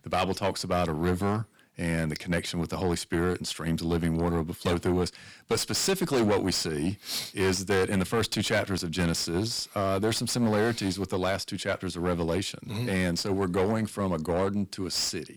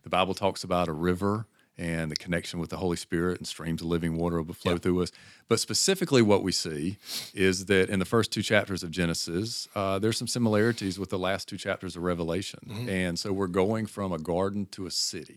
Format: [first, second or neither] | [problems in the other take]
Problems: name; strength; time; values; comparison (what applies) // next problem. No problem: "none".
second | distortion; heavy; 7 dB below the speech